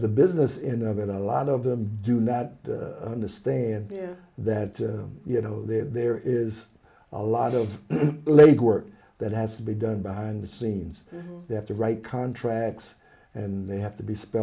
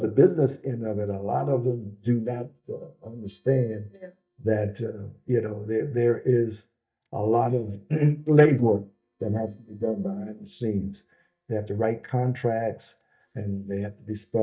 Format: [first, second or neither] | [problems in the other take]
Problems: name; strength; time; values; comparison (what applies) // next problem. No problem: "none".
first | noise reduction (neural mask model DeepFilterNet 3)